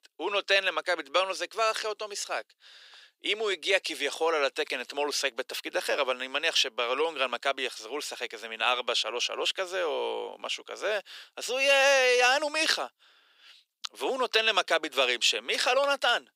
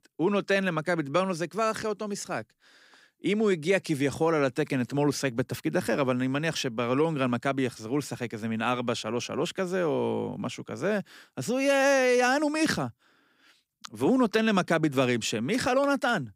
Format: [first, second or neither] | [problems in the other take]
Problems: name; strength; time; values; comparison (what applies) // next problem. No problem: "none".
second | thin; very; fading below 450 Hz